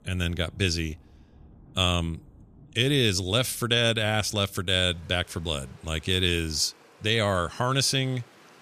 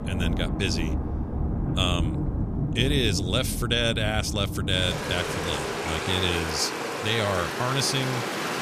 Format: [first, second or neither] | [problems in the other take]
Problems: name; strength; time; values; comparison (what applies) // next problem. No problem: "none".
first | rain or running water; loud; throughout; 2 dB below the speech; faint in the first